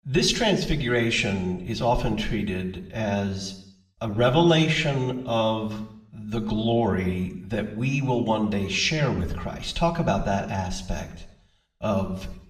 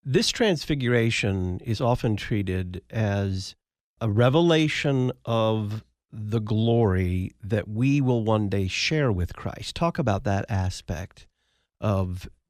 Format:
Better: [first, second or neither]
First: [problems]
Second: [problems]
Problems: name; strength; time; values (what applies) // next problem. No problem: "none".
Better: second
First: room echo; slight; dies away in 0.7 s // off-mic speech; far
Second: none